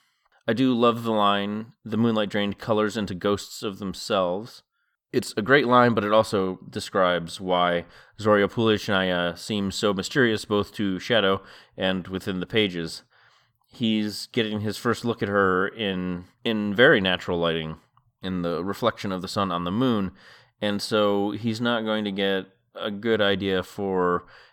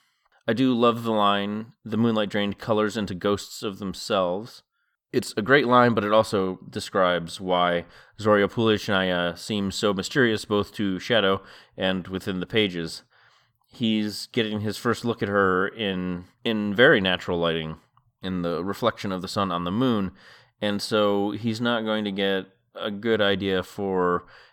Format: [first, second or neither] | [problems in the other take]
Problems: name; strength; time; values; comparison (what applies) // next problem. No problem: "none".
neither | none